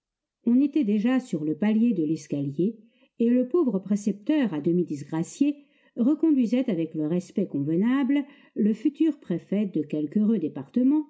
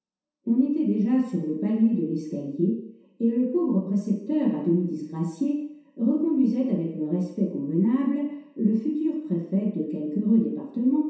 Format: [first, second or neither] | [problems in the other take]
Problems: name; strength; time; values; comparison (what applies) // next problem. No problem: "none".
first | room echo; dies away in 0.7 s